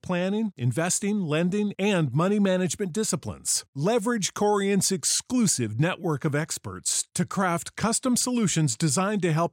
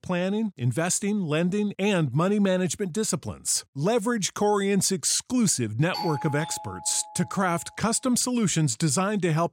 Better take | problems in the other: first | doorbell; noticeable; from 6 to 7.5 s; peak 8 dB below the speech

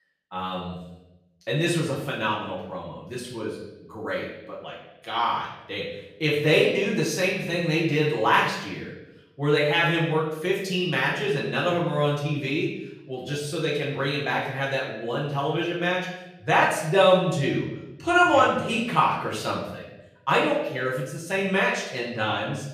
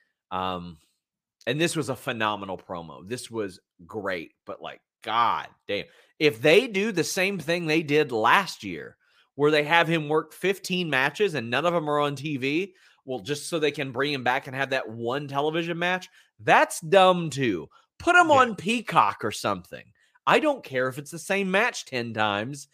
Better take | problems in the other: second | room echo; noticeable; dies away in 0.9 s // off-mic speech; far

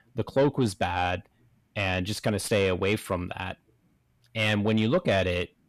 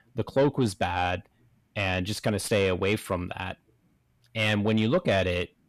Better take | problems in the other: neither | distortion; slight; 10 dB below the speech; the same in both

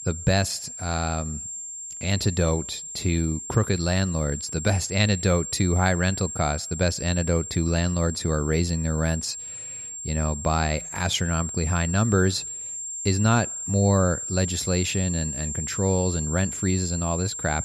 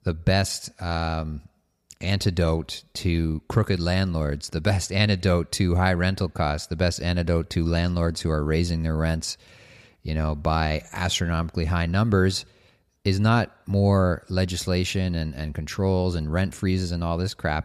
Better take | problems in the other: second | high-pitched whine; loud; throughout; 7.5 kHz, 7 dB below the speech

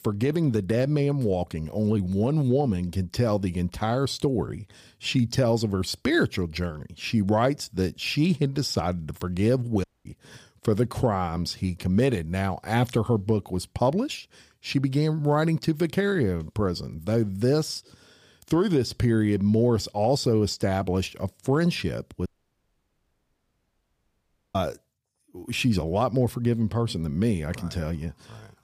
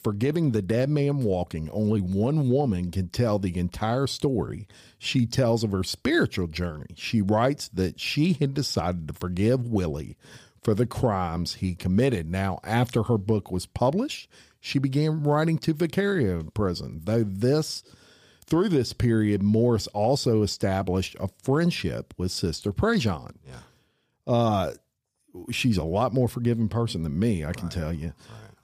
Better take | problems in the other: second | audio cutting out; at 10 s and at 22 s for 2.5 s

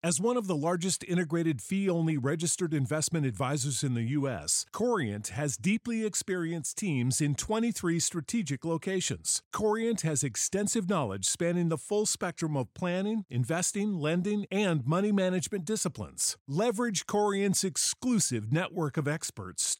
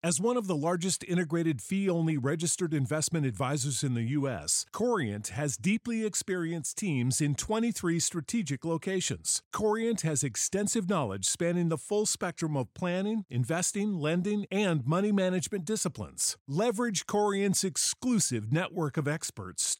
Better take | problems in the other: neither | none

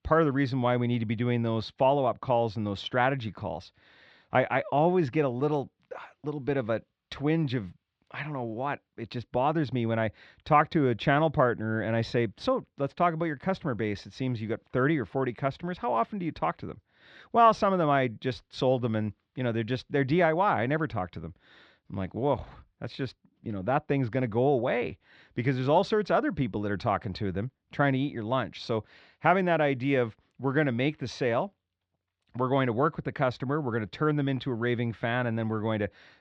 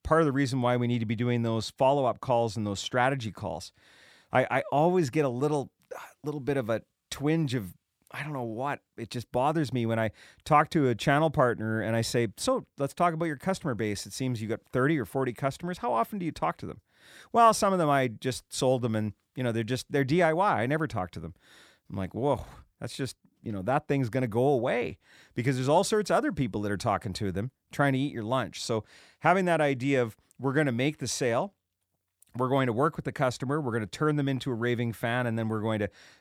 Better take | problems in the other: second | muffled; slightly; fading above 4 kHz

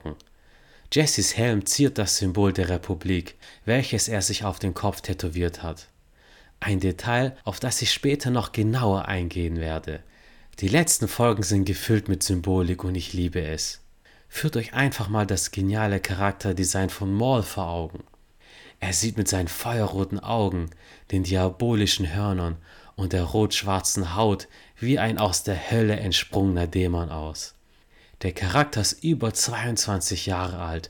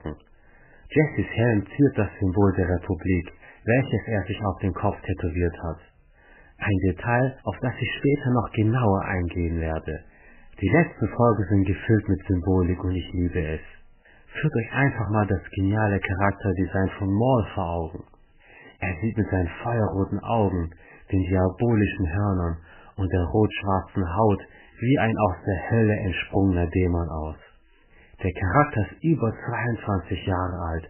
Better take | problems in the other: first | garbled, watery; badly; nothing above 3 kHz

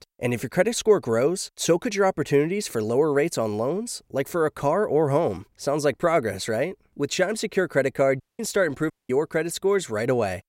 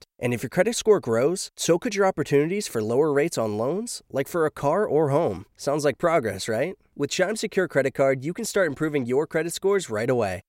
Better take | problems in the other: second | audio cutting out; at 8 s and at 9 s

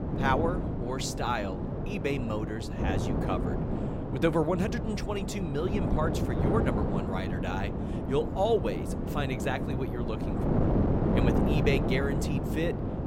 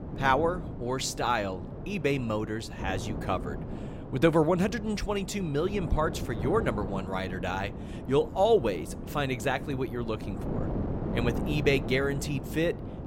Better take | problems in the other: second | wind noise on the microphone; heavy; 3 dB below the speech; occasional gusts in the second

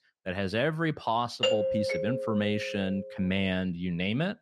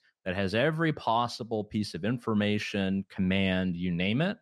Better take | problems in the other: second | doorbell; loud; from 1.5 to 3 s; peak 4 dB above the speech

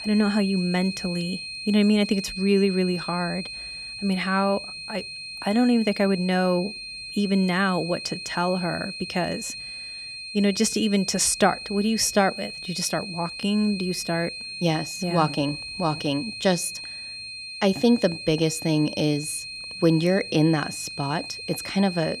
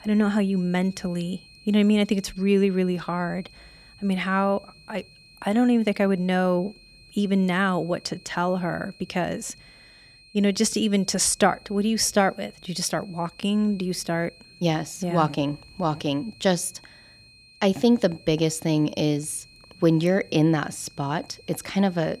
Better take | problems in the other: second | high-pitched whine; loud; throughout; 4 kHz, 9 dB below the speech; faint in the second

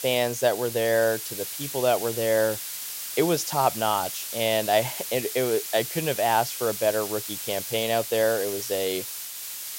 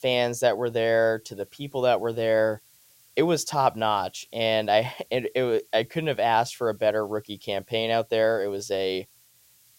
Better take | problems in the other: second | hiss; loud; throughout; 6 dB below the speech; faint in the second

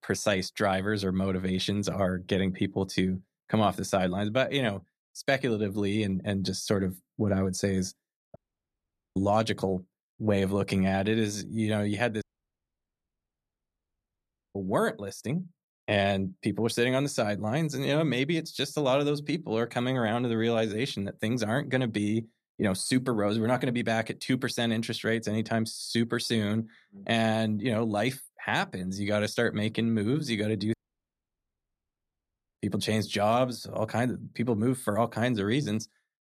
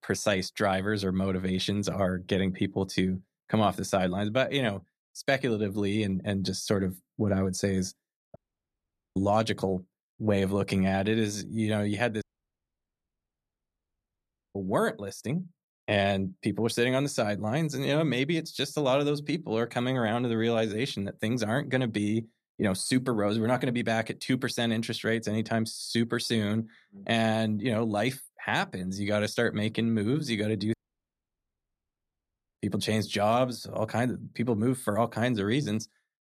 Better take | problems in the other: neither | audio cutting out; at 8.5 s for 1 s, at 12 s for 2.5 s and at 31 s for 2 s; the same in both

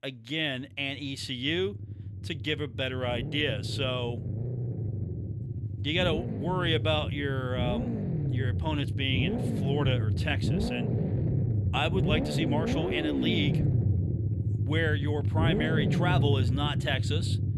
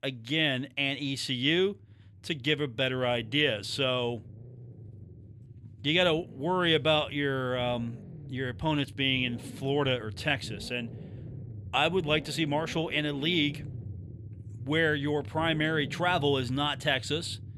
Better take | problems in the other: second | low rumble; loud; throughout; 7 dB below the speech; faint in the second

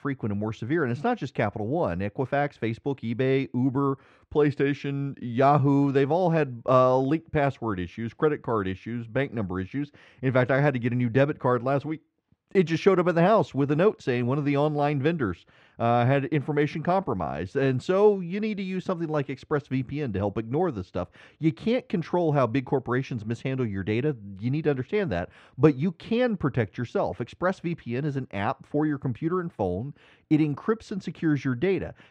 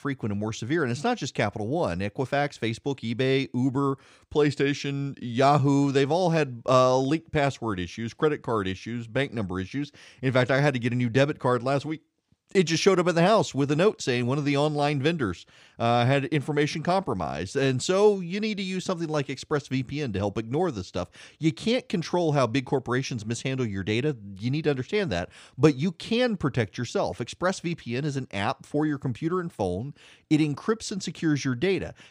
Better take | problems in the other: second | muffled; slightly; fading above 3.5 kHz

